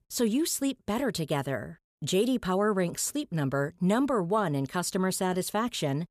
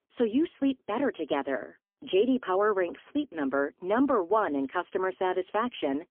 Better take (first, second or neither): first